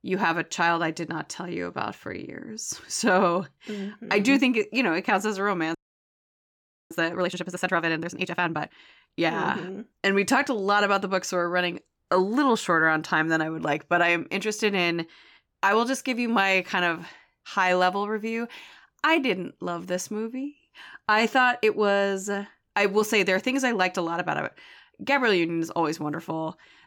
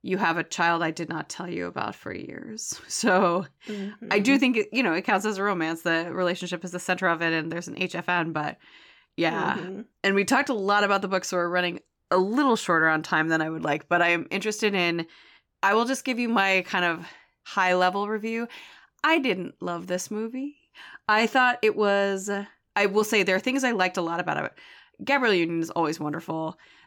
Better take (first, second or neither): second